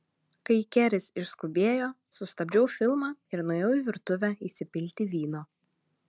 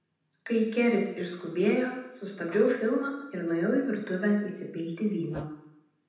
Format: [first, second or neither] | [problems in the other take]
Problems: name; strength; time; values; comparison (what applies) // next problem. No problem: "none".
first | background sound (Whoosh, swoosh, swish); 15 dB below the speech // room echo; dies away in 0.9 s